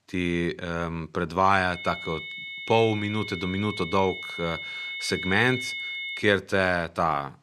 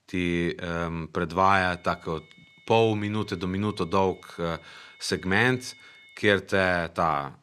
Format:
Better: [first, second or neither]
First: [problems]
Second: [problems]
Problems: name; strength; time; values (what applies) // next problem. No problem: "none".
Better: second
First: high-pitched whine; loud; from 1.5 to 6 s; 2 kHz, 7 dB below the speech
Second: high-pitched whine; faint; from 1.5 to 6 s; 2 kHz, 25 dB below the speech